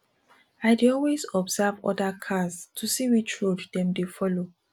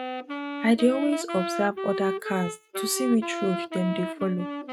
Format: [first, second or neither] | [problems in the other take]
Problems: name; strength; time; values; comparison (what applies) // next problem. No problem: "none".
first | noise reduction (neural mask model RNNoise)